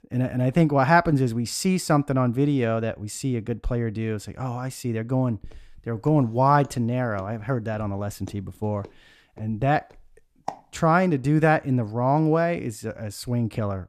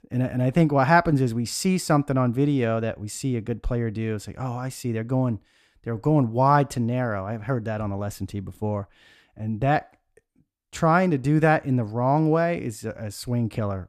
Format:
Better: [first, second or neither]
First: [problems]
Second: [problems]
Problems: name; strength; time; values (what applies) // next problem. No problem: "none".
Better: second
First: footsteps; faint; from 5.5 to 11 s; peak 15 dB below the speech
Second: none